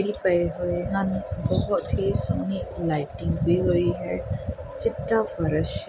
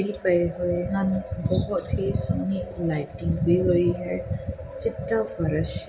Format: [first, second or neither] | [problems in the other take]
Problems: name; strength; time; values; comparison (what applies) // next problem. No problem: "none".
first | room echo; dies away in 0.9 s